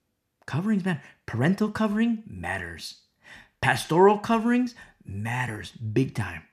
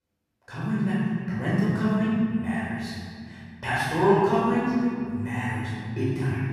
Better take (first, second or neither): first